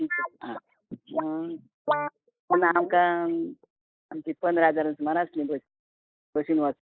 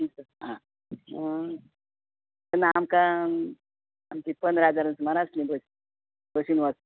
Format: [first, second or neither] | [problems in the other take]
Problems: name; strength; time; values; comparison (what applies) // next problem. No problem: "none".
second | noise reduction (neural mask model Resemble Enhance denoiser)